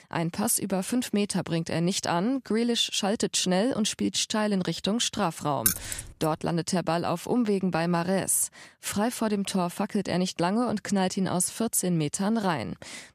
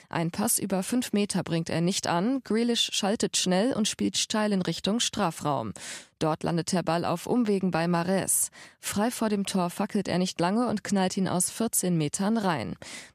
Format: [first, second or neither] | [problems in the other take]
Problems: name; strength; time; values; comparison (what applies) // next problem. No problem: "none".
second | jangling keys; loud; at 5.5 s; peak 1 dB above the speech